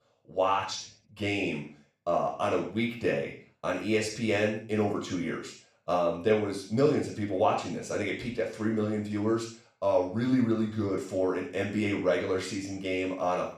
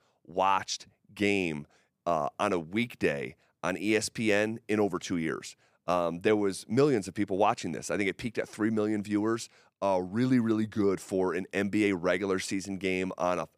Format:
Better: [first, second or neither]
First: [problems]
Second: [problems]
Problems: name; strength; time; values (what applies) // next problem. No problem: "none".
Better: second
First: room echo; noticeable; dies away in 0.4 s // off-mic speech; far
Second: none